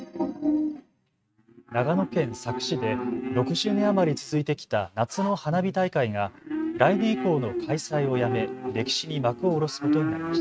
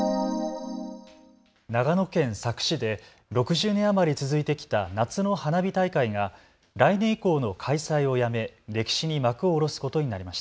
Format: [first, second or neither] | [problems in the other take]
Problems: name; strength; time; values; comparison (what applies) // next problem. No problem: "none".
second | noise reduction (neural mask model RNNoise)